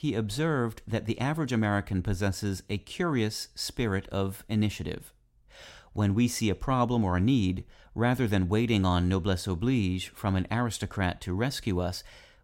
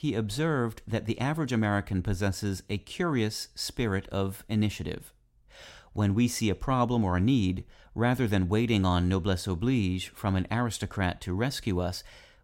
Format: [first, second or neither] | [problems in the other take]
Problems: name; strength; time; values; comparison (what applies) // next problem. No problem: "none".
neither | none